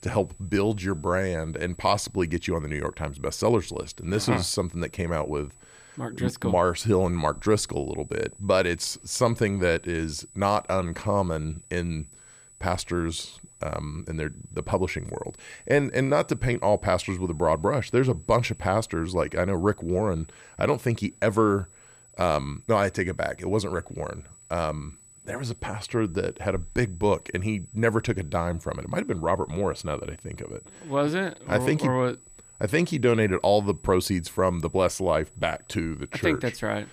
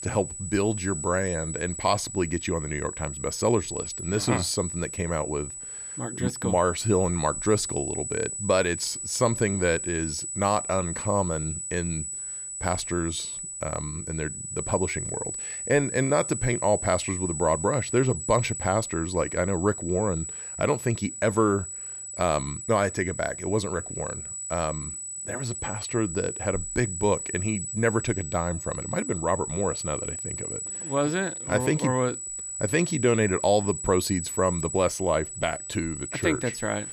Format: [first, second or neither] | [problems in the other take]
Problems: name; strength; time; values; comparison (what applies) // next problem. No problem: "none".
first | high-pitched whine; loud; throughout; 8 kHz, 5 dB below the speech; faint in the first